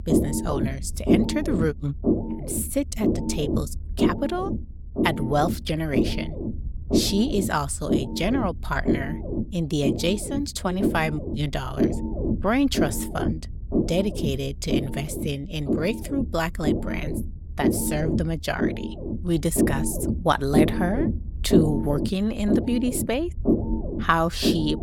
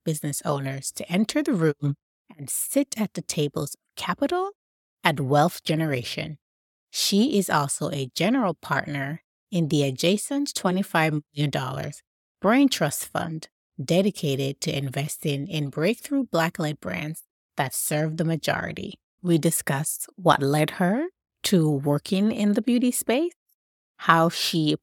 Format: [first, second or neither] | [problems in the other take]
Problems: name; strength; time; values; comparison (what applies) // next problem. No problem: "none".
second | low rumble; loud; throughout; 3 dB below the speech